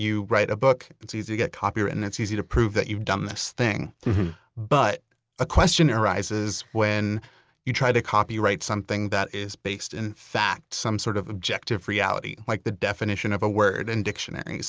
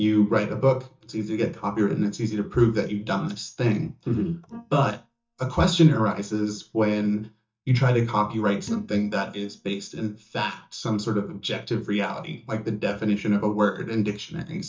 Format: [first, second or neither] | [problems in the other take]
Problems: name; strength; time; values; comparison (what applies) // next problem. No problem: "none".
first | noise reduction (neural mask model DeepFilterNet 3)